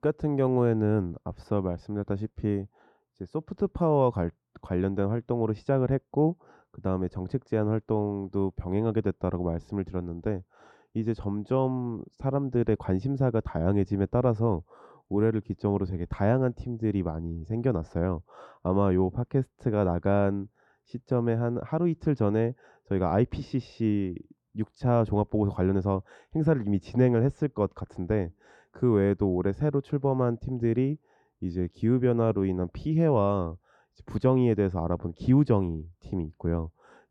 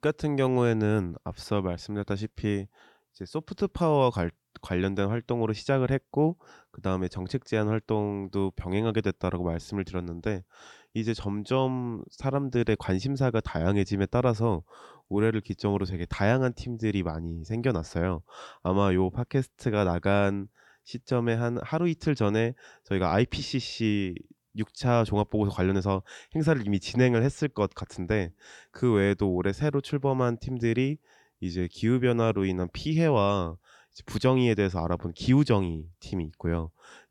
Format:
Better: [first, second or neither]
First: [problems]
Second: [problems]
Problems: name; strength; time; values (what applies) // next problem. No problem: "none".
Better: second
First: muffled; very; fading above 1.5 kHz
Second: none